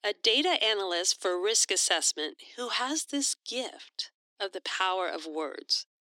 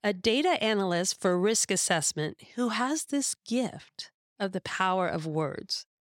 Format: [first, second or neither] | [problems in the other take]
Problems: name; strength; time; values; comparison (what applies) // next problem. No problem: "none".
second | thin; very slightly; fading below 300 Hz